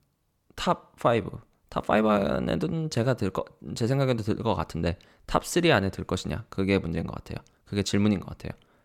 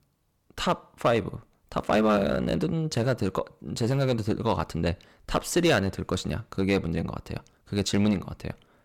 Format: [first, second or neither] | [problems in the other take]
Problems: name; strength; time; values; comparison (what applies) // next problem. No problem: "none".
first | distortion; slight; 3% of the sound clipped